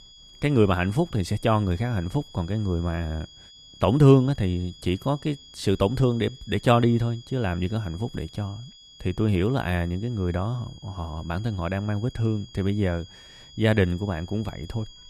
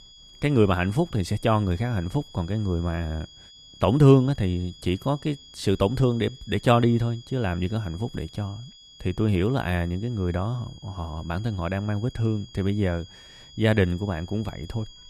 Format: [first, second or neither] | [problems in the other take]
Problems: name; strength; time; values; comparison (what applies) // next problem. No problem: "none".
neither | high-pitched whine; faint; throughout; 3.5 kHz, 20 dB below the speech; the same in both